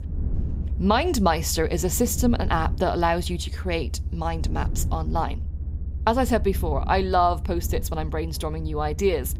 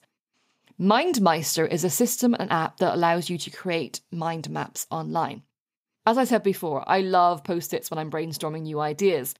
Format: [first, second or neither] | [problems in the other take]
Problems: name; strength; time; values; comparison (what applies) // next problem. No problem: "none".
second | low rumble; faint; throughout; 20 dB below the speech